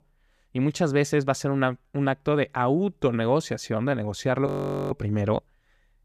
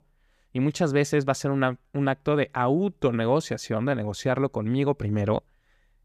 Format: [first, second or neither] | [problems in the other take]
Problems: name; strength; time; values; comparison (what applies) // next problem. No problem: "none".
second | audio freezing; at 4.5 s